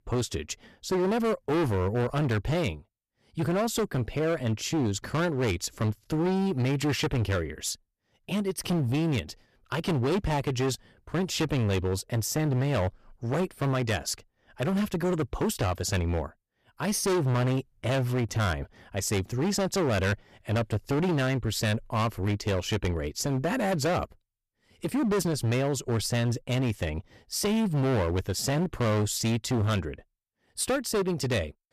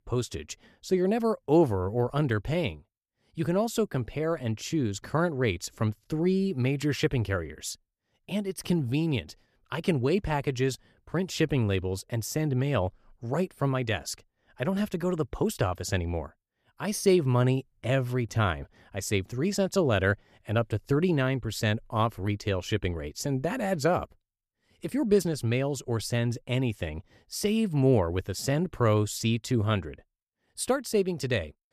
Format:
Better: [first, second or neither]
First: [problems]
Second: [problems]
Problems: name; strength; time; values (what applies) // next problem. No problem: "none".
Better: second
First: distortion; heavy; 19% of the sound clipped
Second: none